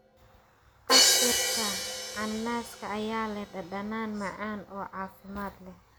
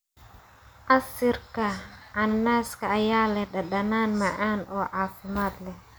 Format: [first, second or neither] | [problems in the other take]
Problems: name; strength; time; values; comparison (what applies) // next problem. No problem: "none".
second | background sound (Crash cymbal); 4 dB above the speech